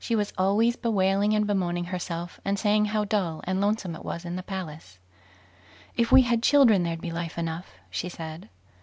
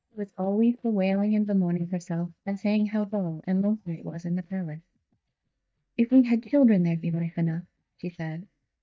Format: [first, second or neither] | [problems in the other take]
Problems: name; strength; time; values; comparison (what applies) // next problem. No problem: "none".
first | noise reduction (neural mask model DeepFilterNet 3)